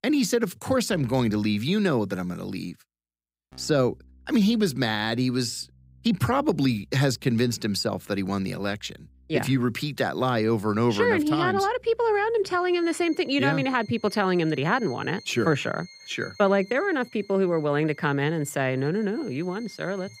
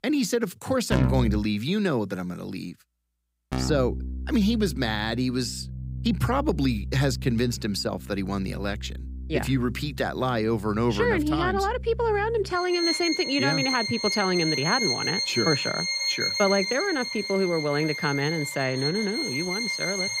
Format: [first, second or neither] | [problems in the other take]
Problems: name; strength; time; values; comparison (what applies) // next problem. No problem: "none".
first | background music; loud; throughout; 3 dB below the speech; faint in the first